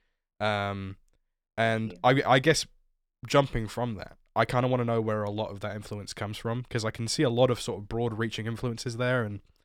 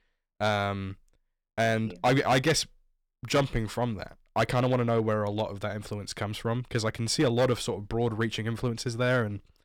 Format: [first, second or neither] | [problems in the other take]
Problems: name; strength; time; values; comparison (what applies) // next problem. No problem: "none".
first | distortion; slight; 3% of the sound clipped